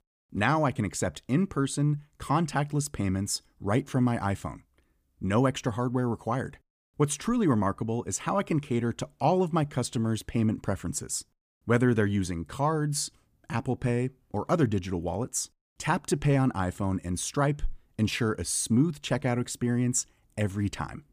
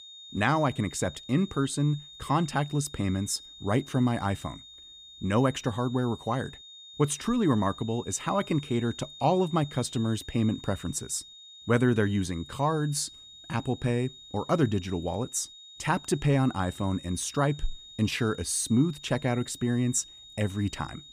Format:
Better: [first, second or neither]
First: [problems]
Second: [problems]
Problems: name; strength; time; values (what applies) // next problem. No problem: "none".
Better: first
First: none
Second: high-pitched whine; noticeable; throughout; 3.5 kHz, 15 dB below the speech